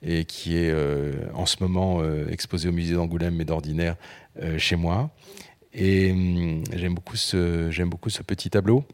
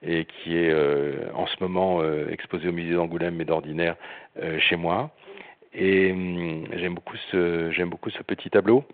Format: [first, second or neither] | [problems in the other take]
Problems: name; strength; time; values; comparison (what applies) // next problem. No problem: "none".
first | phone-call audio